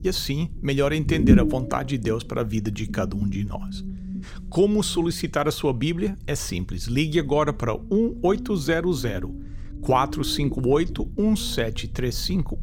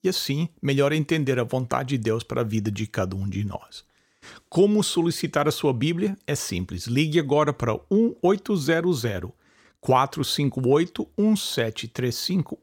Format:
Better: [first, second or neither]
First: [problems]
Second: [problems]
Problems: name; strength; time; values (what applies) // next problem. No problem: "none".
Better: second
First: low rumble; loud; throughout; 10 dB below the speech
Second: none